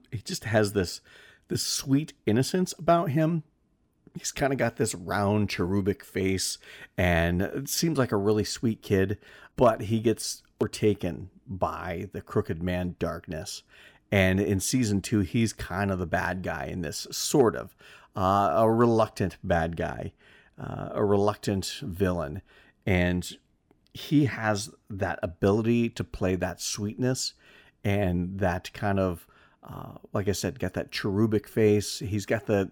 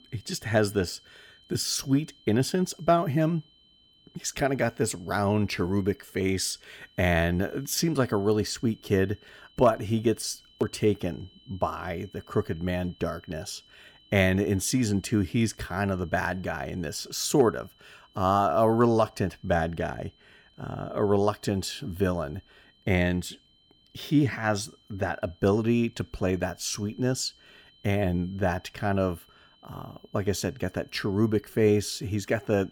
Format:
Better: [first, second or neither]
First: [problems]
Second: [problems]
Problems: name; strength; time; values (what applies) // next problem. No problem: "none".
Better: first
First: none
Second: high-pitched whine; faint; throughout; 3 kHz, 30 dB below the speech